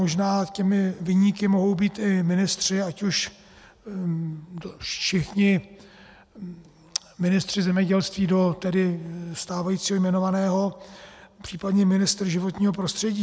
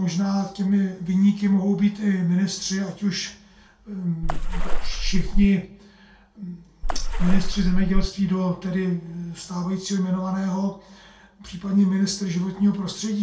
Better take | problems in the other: first | background sound (Water / Splash, splatter); 5 dB above the speech // room echo; dies away in 0.3 s

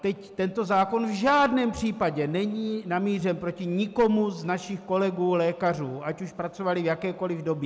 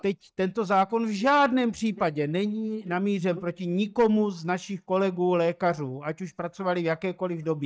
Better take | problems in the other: first | noise reduction (neural mask model DeepFilterNet 3)

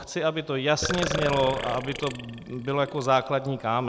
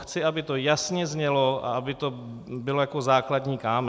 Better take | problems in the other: second | background sound (Burping, eructation); 8 dB below the speech

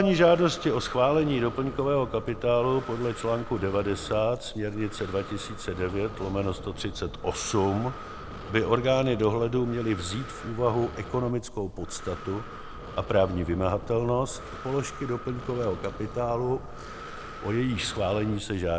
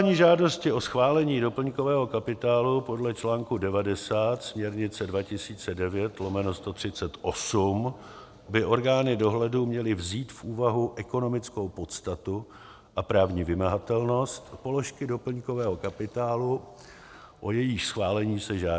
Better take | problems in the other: second | background sound (Breathing); 12 dB below the speech

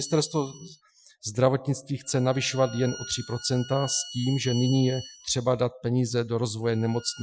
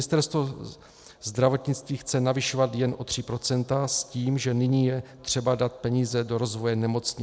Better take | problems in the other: second | noise reduction (classical method Wiener filter)

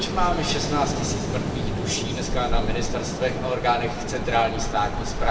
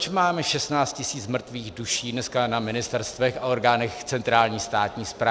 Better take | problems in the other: second | background sound (Ocean); as loud as the speech // room echo; dies away in 1.7 s

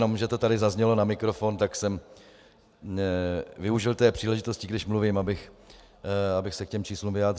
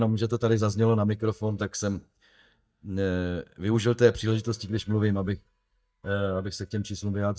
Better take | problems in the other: first | noise reduction (neural mask model DeepFilterNet 3)

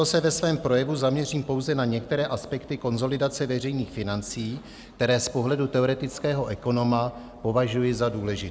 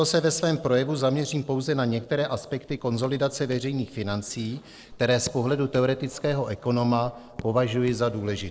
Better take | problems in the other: first | noise reduction (neural separator model SepFormer DNS4)

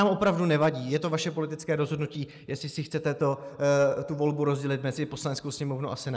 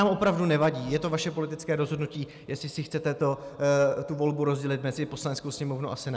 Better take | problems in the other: second | noise reduction (neural mask model Resemble Enhance denoiser)

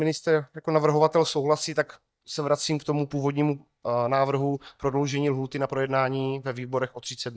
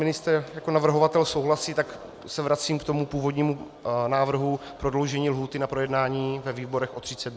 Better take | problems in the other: second | noise reduction (neural mask model DeepFilterNet 3)

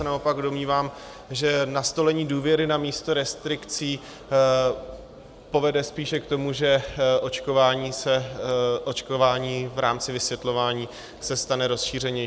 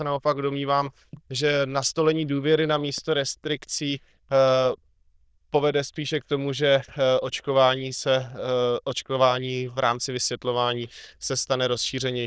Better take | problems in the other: first | noise reduction (neural diffusion model UNIVERSE++)

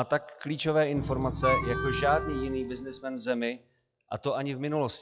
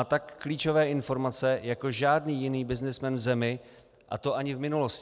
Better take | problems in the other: second | noise reduction (classical method log-MMSE)

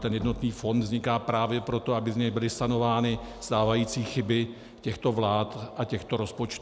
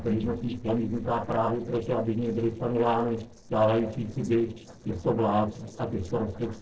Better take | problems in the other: first | noise reduction (neural separator model SepFormer DNS4)

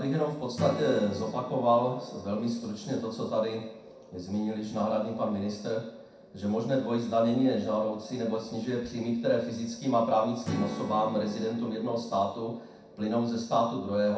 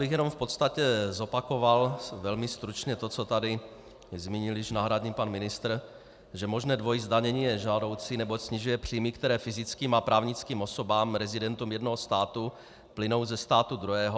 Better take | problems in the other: second | background sound (Strum); 14 dB below the speech // room echo; dies away in 0.6 s

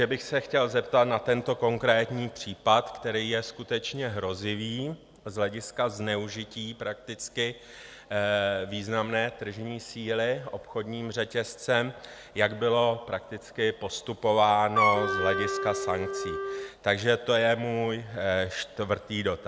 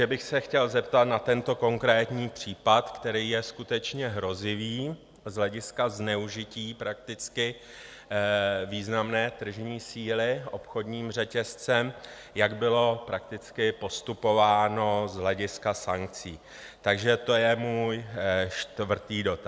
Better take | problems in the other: second | background sound (Wind instrument, woodwind instrument); 1 dB below the speech

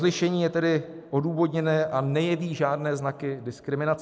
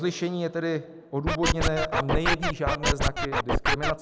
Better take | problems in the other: first | background sound (Scratching (performance technique)); 4 dB above the speech

